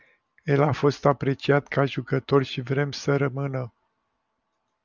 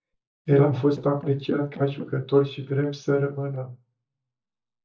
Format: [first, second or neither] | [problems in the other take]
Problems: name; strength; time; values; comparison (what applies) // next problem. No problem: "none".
first | noise reduction (neural mask model DeepFilterNet 3)